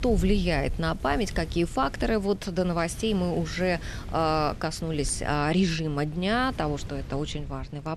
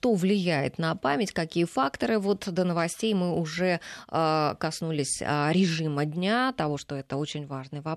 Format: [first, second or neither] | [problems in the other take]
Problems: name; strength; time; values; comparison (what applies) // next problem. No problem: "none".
second | wind noise on the microphone; occasional gusts; 20 dB below the speech